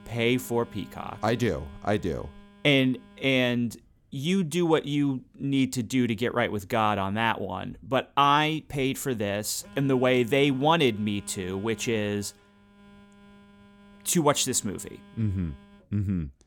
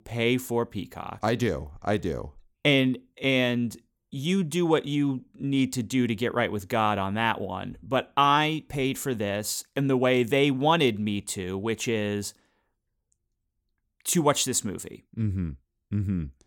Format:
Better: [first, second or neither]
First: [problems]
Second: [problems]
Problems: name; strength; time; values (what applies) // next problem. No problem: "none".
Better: second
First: alarms or sirens; faint; throughout; 25 dB below the speech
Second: none